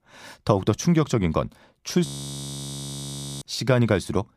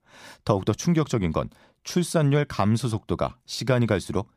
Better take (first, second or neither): second